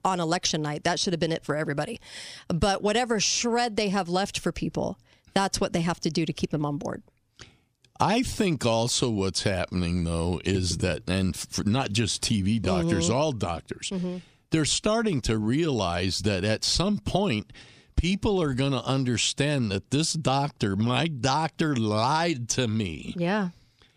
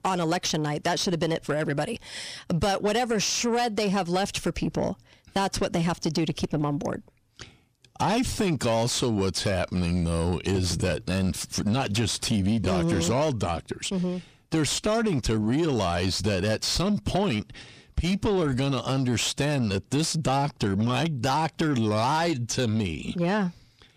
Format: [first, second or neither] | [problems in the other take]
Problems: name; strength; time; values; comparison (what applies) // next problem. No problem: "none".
first | distortion; slight; 10 dB below the speech